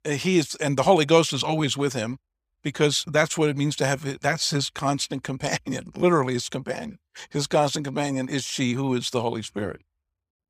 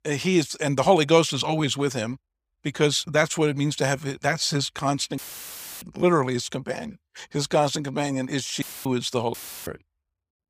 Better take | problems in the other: first | audio cutting out; filled with static; at 5 s for 0.5 s, at 8.5 s and at 9.5 s

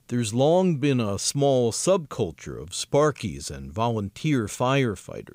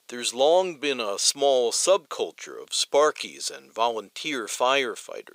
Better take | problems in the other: first | thin; very; fading below 450 Hz

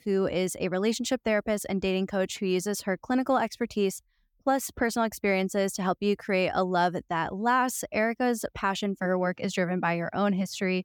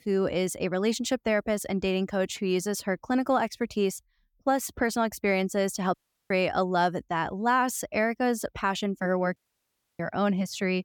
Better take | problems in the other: first | audio cutting out; at 6 s and at 9.5 s for 0.5 s

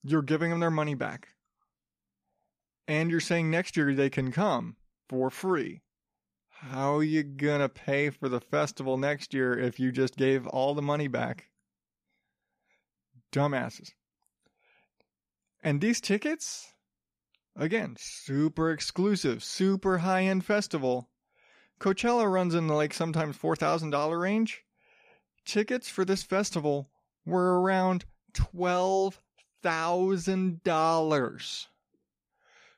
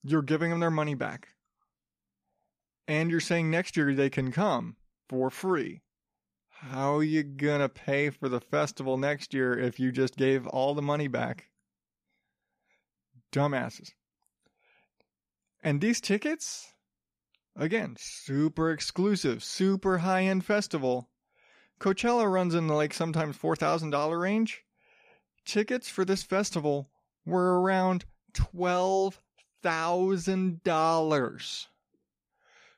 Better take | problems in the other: neither | none

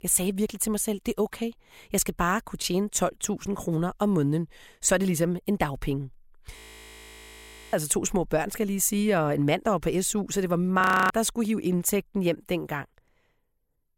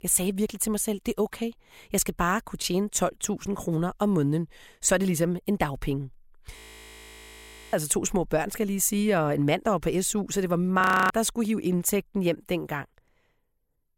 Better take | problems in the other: neither | audio freezing; at 6.5 s for 1 s and at 11 s; the same in both

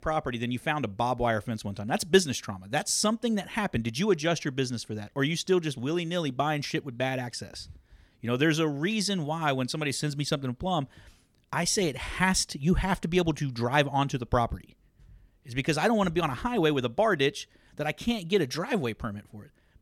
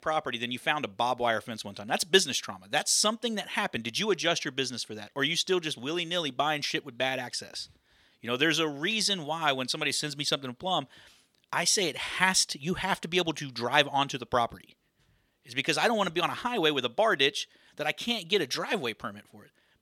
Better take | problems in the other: first | thin; very slightly; fading below 500 Hz

